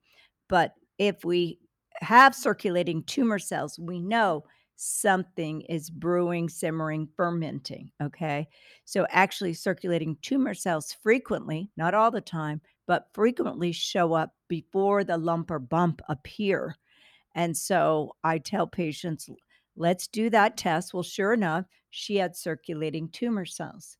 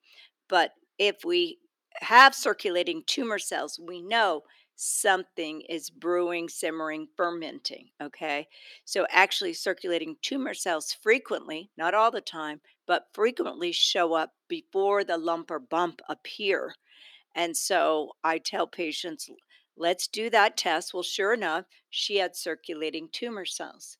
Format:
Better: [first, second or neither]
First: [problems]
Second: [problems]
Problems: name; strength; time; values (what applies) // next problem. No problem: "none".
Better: first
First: none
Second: thin; somewhat; fading below 300 Hz